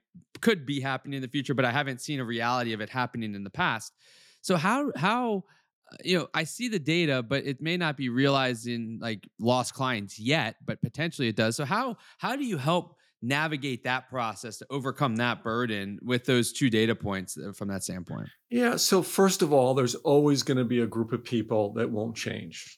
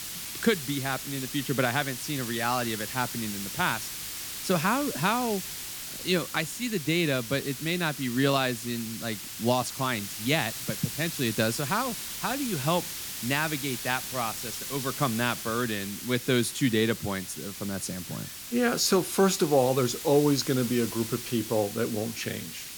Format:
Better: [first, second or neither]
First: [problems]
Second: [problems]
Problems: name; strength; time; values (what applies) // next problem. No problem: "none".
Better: first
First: none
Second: hiss; loud; throughout; 7 dB below the speech